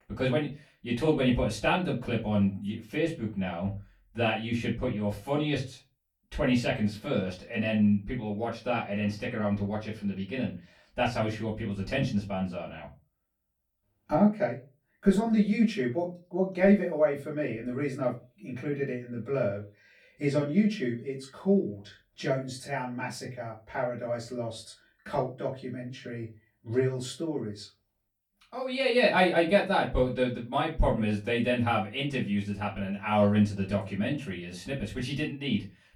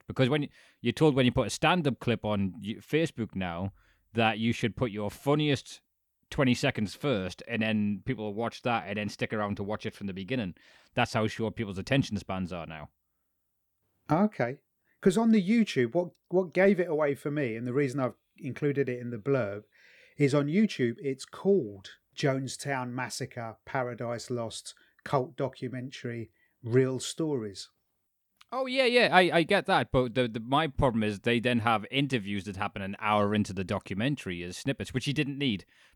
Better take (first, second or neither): second